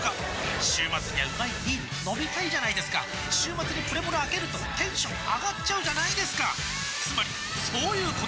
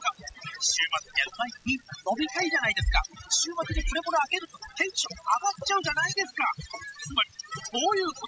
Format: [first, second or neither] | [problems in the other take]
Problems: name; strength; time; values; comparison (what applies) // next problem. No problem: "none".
first | noise reduction (classical method spectral subtraction)